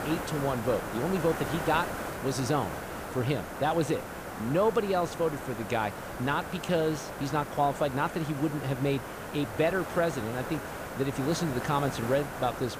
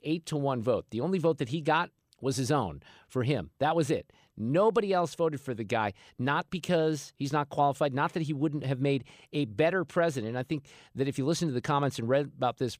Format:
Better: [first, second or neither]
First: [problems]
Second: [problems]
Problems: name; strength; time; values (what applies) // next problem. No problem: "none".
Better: second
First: hiss; loud; throughout; 7 dB below the speech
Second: none